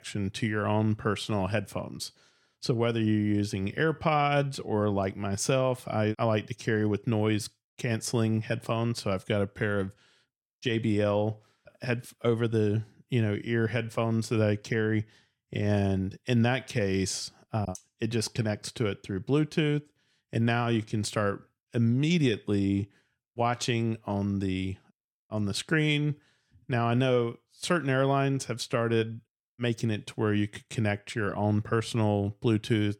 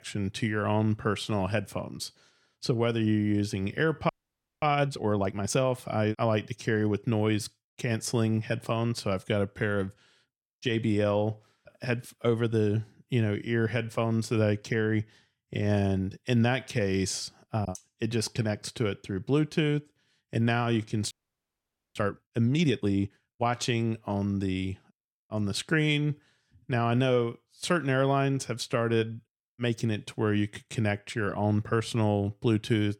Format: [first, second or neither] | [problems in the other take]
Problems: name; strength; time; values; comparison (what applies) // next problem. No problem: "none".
first | audio freezing; at 4 s for 0.5 s and at 21 s for 1 s